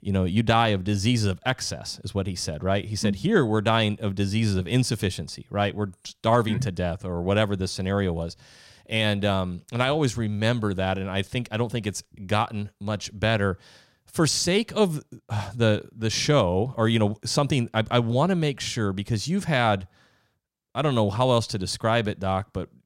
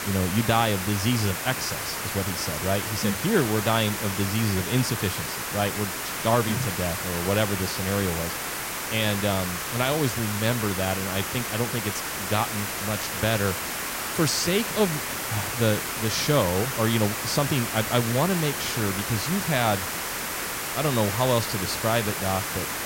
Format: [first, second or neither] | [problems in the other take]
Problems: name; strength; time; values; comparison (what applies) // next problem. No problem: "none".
first | hiss; loud; throughout; 2 dB below the speech